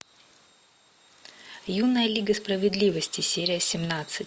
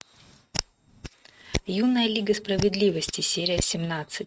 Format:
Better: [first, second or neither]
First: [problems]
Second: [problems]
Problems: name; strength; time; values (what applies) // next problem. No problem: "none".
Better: first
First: none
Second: noise reduction (neural mask model RNNoise)